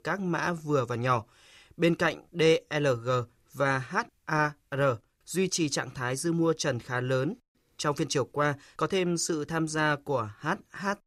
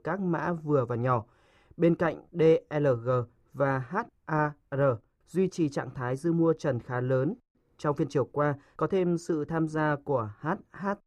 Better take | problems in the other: first | muffled; very; fading above 2 kHz

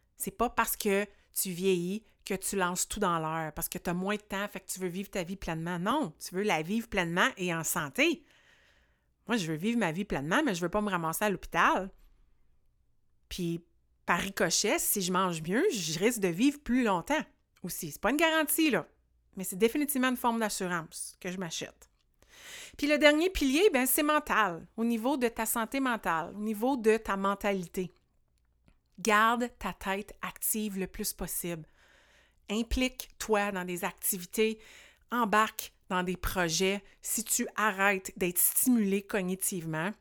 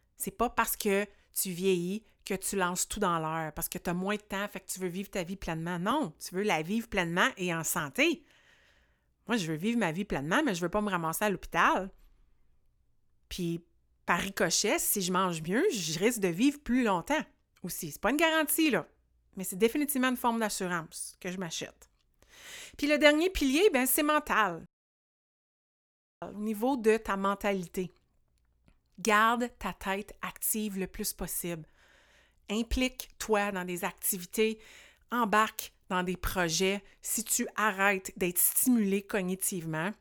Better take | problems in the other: first | audio cutting out; at 25 s for 1.5 s

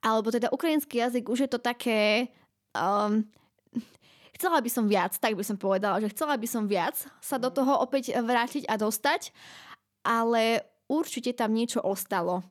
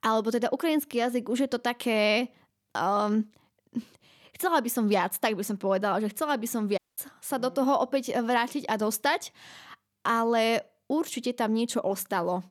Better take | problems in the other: first | audio cutting out; at 7 s

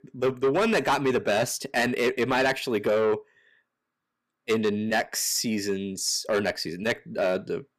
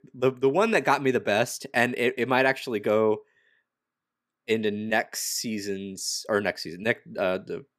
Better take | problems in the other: second | distortion; heavy; 7 dB below the speech

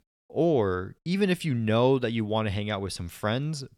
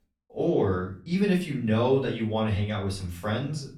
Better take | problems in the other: first | room echo; slight; dies away in 0.4 s // off-mic speech; far

